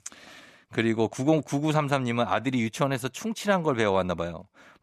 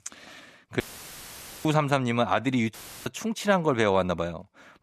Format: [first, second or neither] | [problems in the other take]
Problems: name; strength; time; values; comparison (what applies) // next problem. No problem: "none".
first | audio cutting out; filled with static; at 1 s for 1 s and at 2.5 s